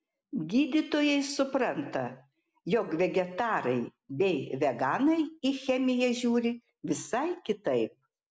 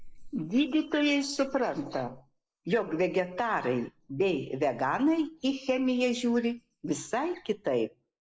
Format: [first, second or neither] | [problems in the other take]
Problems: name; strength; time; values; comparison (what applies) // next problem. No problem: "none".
first | noise reduction (neural mask model Resemble Enhance denoiser)